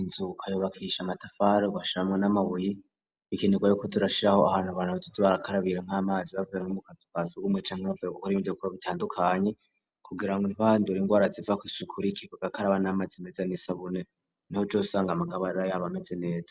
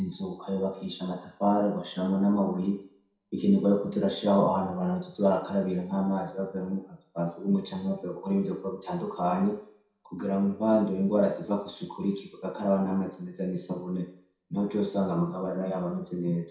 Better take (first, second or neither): first